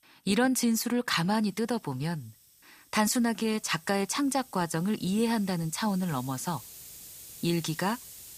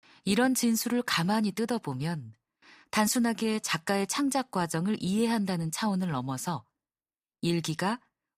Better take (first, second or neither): second